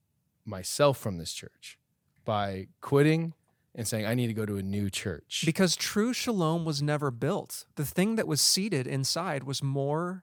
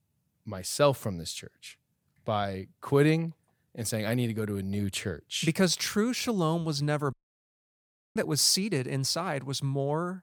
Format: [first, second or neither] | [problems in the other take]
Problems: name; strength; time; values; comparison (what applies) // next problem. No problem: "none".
first | audio cutting out; at 7 s for 1 s